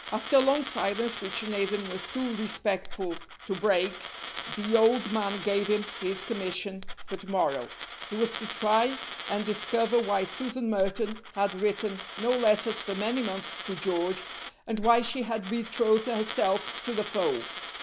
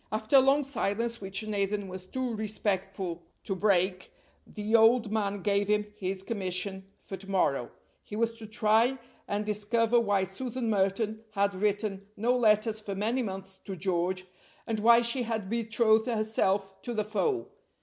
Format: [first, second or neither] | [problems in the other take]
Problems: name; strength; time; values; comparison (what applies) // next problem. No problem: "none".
second | background sound (Coin (dropping)); 10 dB below the speech